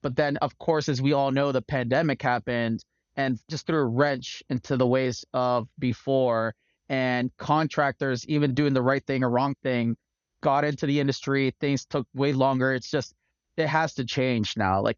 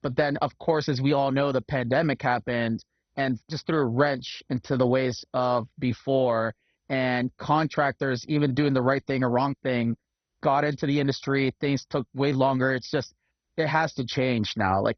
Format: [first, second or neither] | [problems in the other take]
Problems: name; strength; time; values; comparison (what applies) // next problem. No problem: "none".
first | garbled, watery; badly; nothing above 6 kHz; slightly in the first